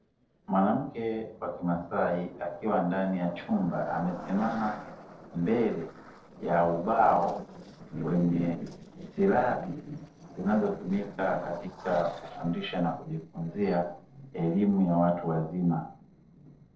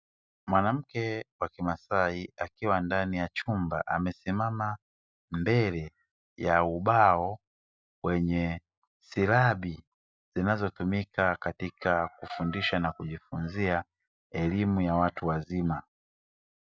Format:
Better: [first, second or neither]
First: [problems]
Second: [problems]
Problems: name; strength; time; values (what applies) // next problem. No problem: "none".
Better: second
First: noise reduction (neural separator model SepFormer DNS4)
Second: none